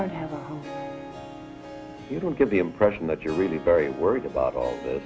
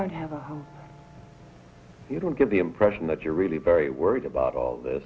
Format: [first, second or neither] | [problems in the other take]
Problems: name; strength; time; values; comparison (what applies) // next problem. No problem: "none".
second | background sound (Harp); 13 dB below the speech